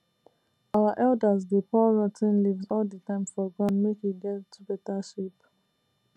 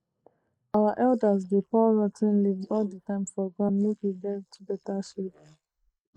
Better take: first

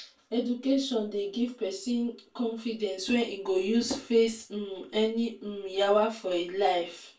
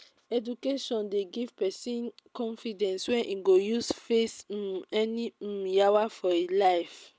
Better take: second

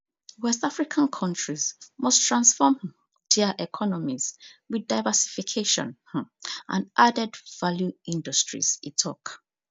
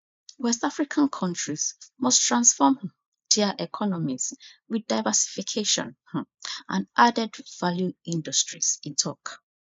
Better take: first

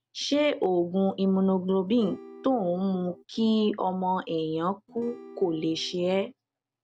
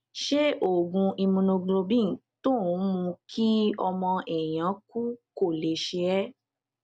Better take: second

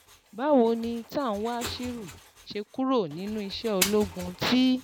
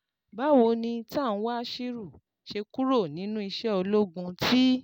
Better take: second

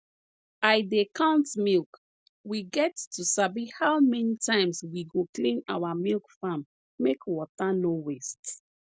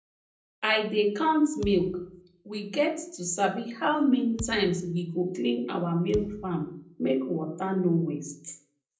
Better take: first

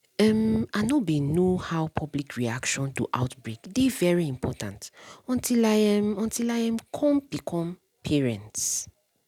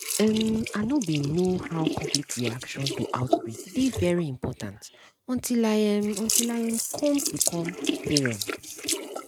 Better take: first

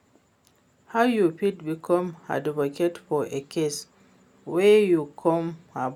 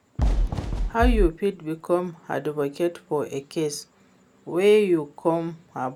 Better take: first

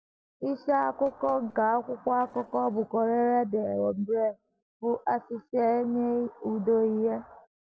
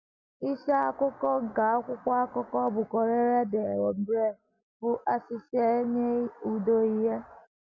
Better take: second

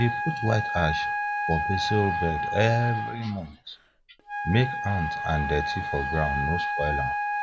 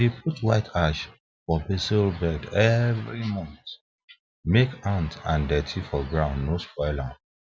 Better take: second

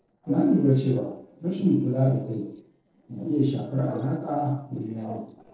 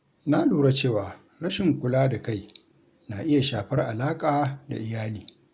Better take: second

